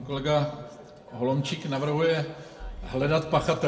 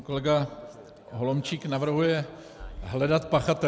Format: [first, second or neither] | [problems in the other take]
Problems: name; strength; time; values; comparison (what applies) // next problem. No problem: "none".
second | room echo; dies away in 0.7 s